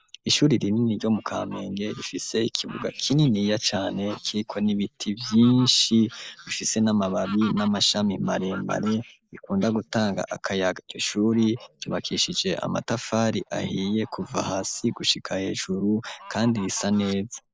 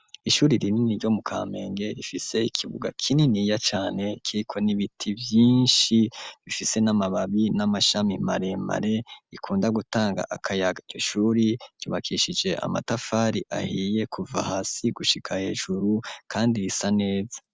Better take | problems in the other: second | noise reduction (neural mask model Resemble Enhance denoiser)

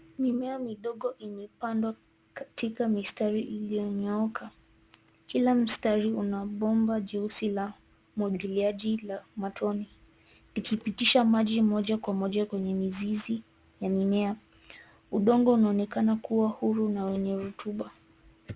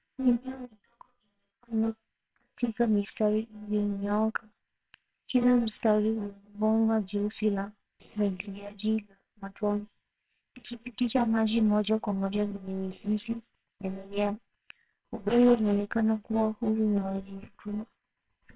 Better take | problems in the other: first | noise reduction (neural separator model SepFormer WHAMR!)

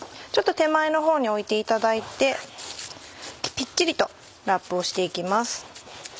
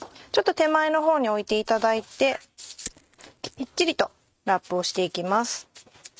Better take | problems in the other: first | noise reduction (neural mask model RNNoise)

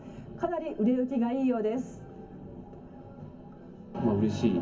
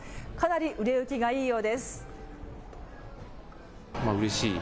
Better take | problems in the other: second | room echo; dies away in 0.3 s

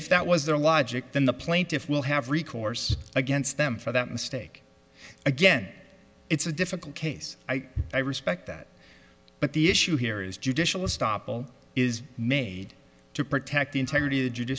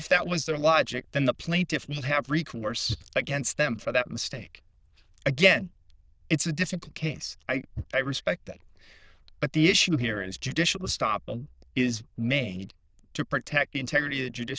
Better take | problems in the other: first | noise reduction (neural diffusion model UNIVERSE++)

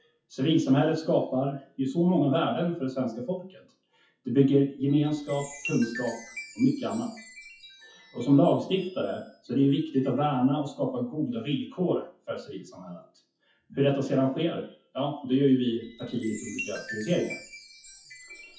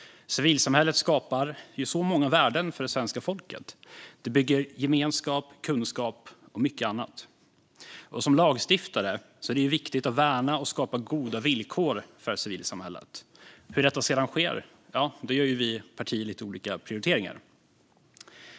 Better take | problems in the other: second | noise reduction (classical method WPE with log-MMSE)

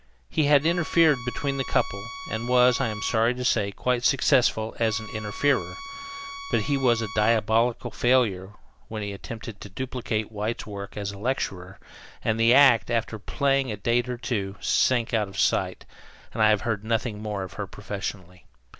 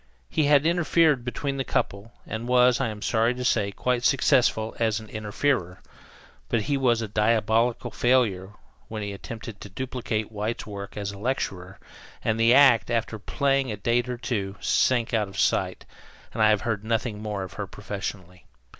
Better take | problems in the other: second | background sound (Bowed string instrument); 13 dB below the speech

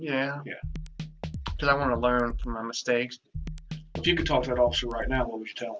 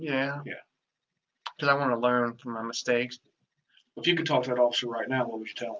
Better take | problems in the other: second | background sound (Drum kit); 6 dB below the speech

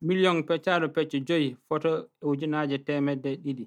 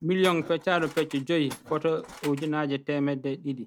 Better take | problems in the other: first | background sound (Tools); 17 dB below the speech

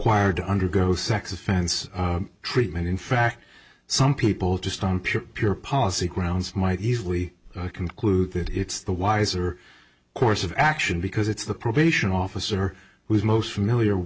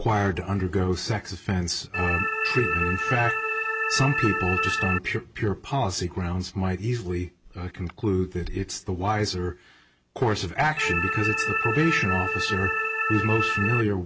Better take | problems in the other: first | background sound (Organ); as loud as the speech

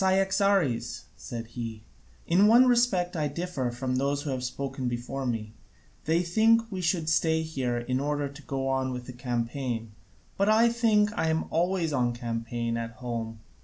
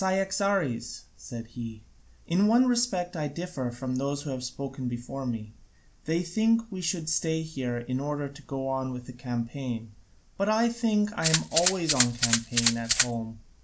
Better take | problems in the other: first | background sound (Rattle (instrument)); 2 dB above the speech

